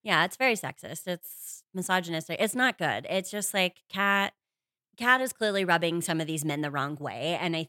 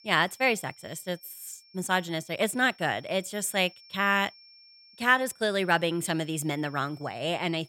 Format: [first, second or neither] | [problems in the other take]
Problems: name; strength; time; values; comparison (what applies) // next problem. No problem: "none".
first | high-pitched whine; faint; throughout; 5.5 kHz, 25 dB below the speech